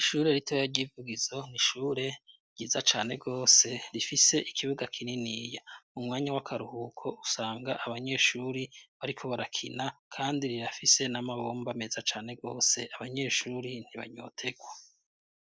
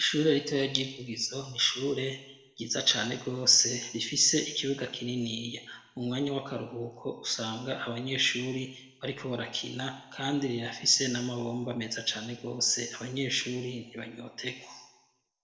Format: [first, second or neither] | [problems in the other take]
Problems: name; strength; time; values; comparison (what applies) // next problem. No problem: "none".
first | room echo; dies away in 0.8 s